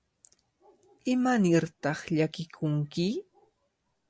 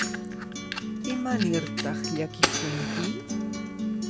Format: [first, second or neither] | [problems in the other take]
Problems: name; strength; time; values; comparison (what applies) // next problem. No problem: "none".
first | background sound (Acoustic guitar + Fire); 4 dB above the speech